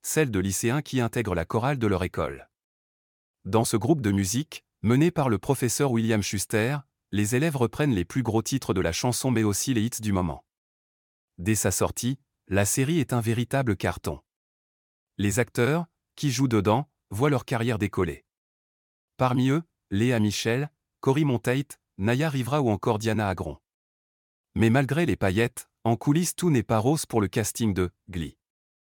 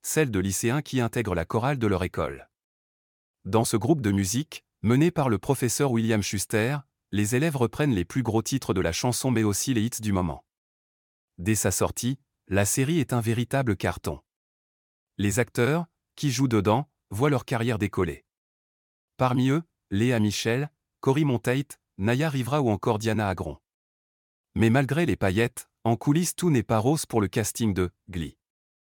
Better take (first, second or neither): neither